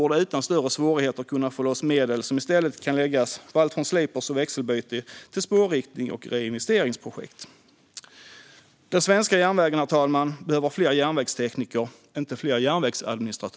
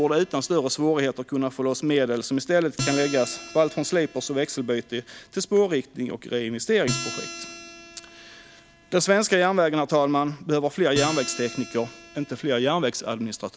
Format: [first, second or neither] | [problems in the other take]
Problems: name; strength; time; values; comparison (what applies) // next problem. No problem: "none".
first | background sound (Acoustic guitar); 14 dB below the speech